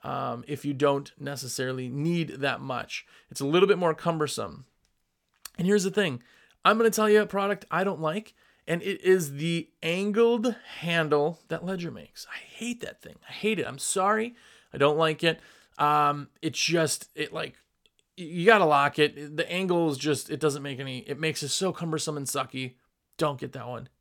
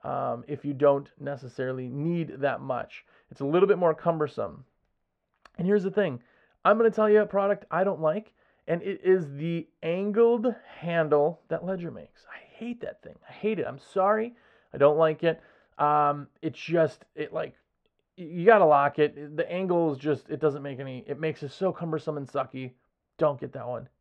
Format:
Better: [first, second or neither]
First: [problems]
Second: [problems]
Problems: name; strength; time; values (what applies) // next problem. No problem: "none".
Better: first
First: none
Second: muffled; very; fading above 1.5 kHz